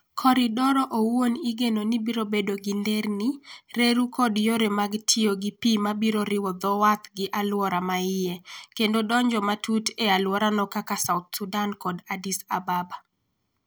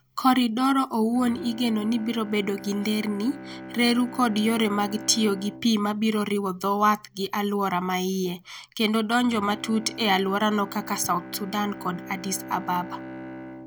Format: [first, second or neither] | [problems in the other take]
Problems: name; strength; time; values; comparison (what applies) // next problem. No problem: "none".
first | background sound (Bowed string instrument); 15 dB below the speech